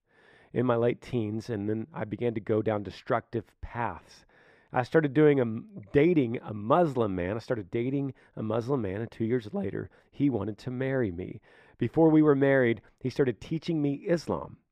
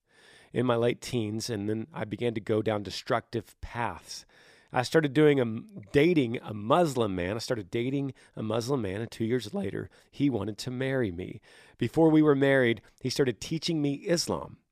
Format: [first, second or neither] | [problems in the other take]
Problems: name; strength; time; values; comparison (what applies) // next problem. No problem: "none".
second | muffled; slightly; fading above 3.5 kHz